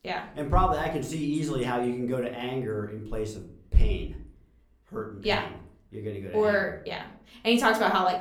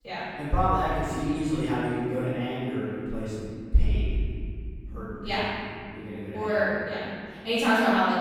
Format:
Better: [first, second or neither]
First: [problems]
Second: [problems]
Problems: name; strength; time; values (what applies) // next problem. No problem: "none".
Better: first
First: room echo; slight; dies away in 0.4 s // off-mic speech; somewhat distant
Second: room echo; strong; dies away in 2.6 s // off-mic speech; far